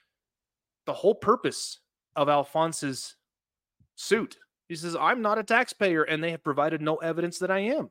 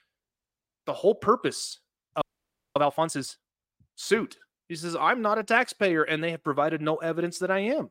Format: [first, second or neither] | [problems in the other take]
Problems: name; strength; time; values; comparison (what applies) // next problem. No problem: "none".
first | audio freezing; at 2 s for 0.5 s